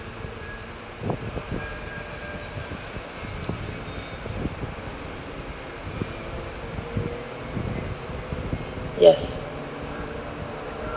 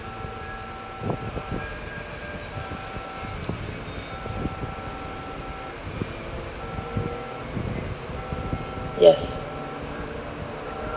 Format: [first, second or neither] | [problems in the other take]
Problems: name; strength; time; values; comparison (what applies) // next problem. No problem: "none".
first | background sound (Telephone); 14 dB below the speech